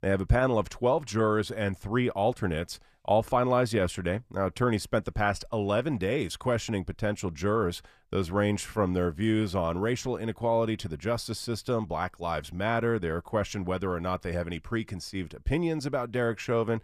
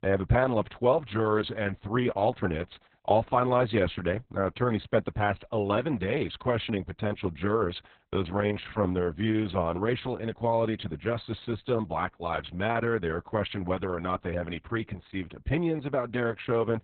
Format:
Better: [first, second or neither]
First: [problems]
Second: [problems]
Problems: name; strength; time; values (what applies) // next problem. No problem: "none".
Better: first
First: none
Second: garbled, watery; badly; nothing above 4 kHz